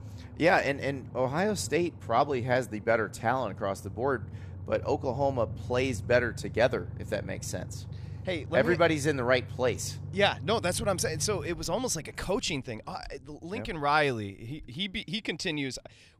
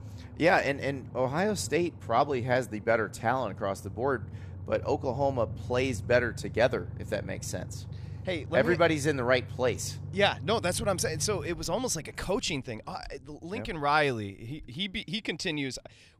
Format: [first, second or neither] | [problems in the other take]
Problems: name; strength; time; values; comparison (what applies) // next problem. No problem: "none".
neither | low rumble; faint; throughout; 25 dB below the speech; the same in both